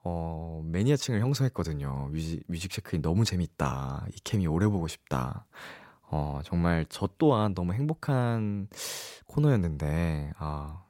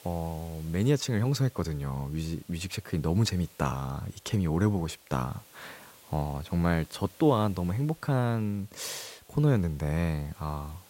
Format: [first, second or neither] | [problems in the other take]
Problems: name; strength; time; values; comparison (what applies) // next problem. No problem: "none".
first | hiss; faint; throughout; 25 dB below the speech